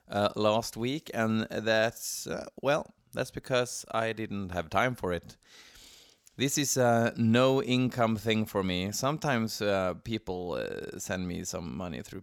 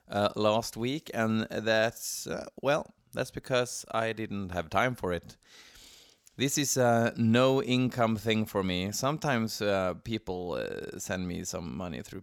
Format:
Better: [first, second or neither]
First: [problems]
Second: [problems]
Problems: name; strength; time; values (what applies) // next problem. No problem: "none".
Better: neither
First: none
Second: none